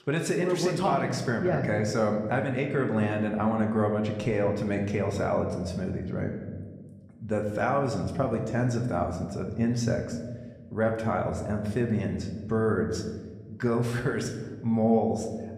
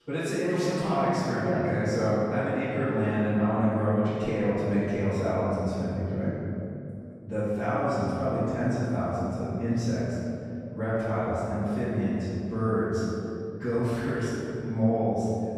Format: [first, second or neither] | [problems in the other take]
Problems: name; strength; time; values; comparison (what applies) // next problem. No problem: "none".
first | room echo; strong; dies away in 2.7 s; slight in the first // off-mic speech; far